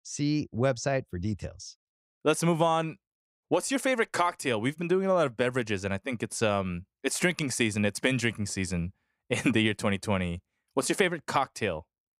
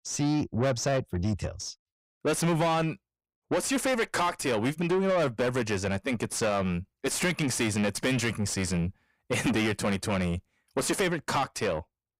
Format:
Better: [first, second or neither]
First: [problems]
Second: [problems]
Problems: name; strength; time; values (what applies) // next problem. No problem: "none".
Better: first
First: none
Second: distortion; heavy; 7 dB below the speech